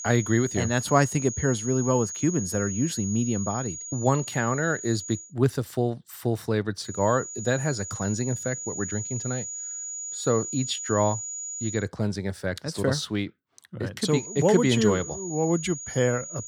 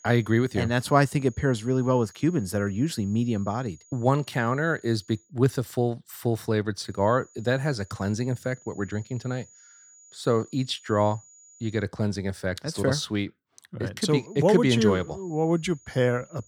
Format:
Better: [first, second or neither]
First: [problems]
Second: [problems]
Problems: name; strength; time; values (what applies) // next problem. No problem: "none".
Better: second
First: high-pitched whine; loud; until 5 s, from 7 to 12 s and from 14 s on; 7 kHz, 7 dB below the speech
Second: high-pitched whine; faint; until 5 s, from 7 to 12 s and from 14 s on; 7 kHz, 25 dB below the speech